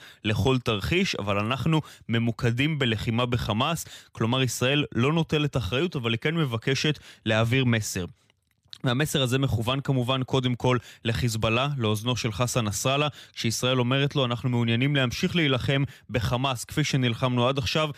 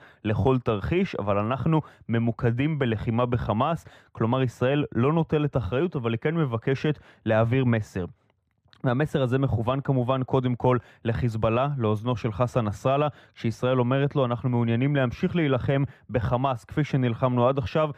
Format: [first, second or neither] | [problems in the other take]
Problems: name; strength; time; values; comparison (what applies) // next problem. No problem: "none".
first | muffled; very; fading above 2.5 kHz